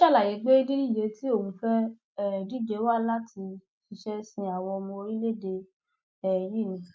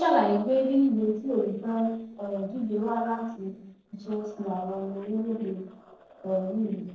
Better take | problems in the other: first | noise reduction (neural separator model SepFormer DNS4)

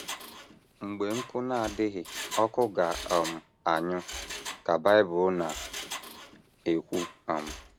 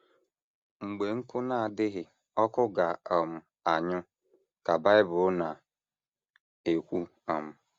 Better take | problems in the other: second | background sound (Mechanisms); 12 dB below the speech

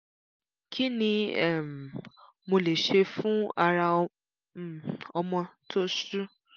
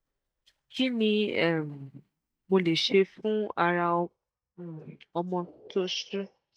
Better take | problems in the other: first | noise reduction (neural mask model DeepFilterNet 3)

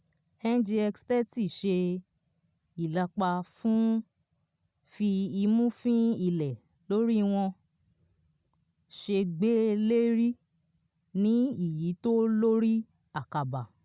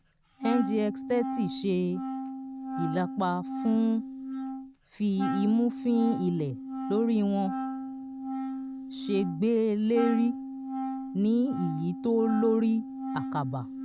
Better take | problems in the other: first | background sound (Wind instrument, woodwind instrument); 6 dB below the speech

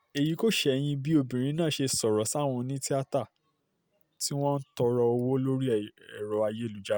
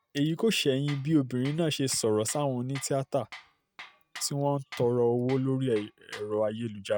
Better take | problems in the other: first | noise reduction (neural mask model RNNoise)

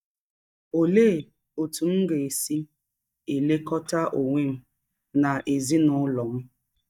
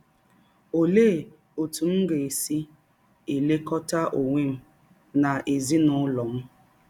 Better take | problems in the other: second | noise reduction (neural mask model DeepFilterNet 3)

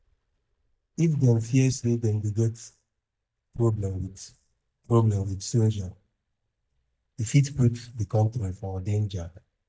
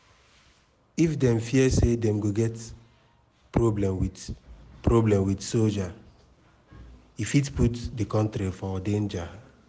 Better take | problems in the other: second | noise reduction (neural mask model DeepFilterNet 3)

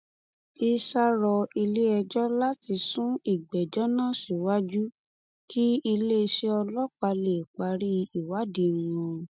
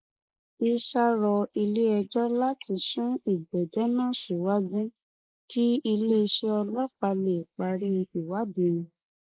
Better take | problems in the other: first | noise reduction (neural mask model Resemble Enhance denoiser)

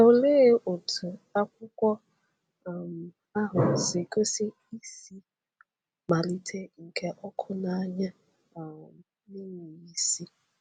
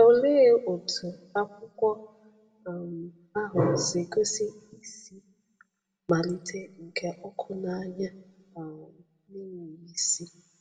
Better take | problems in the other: first | room echo; dies away in 0.6 s

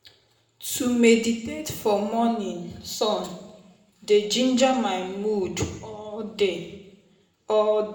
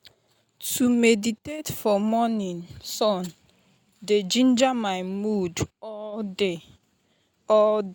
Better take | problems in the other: second | room echo; dies away in 0.8 s

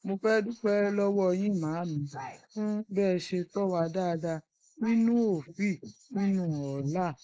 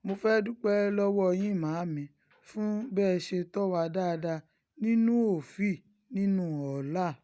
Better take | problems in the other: second | noise reduction (neural mask model Resemble Enhance denoiser)

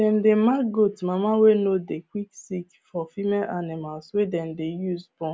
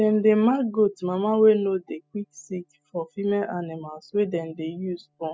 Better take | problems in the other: first | noise reduction (classical method spectral subtraction)

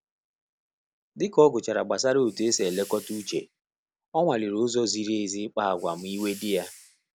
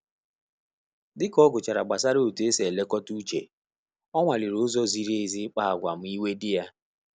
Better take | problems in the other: second | background sound (Hiss); 19 dB below the speech

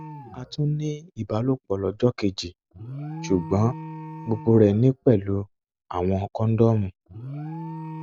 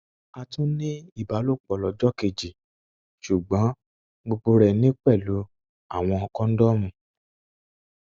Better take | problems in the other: second | background sound (Alarm); 14 dB below the speech

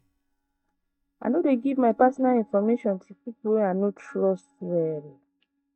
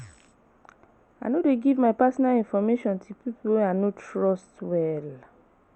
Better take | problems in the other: second | noise reduction (neural mask model DeepFilterNet 3)

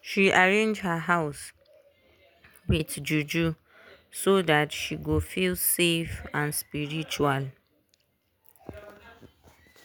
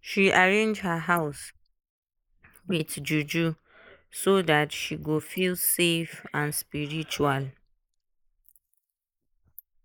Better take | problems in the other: first | noise reduction (neural mask model Resemble Enhance denoiser)

